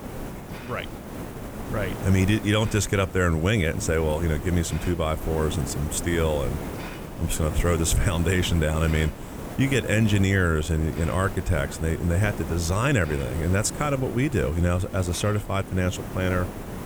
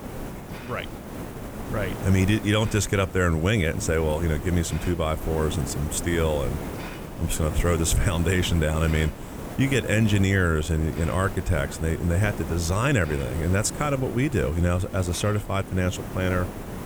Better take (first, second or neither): neither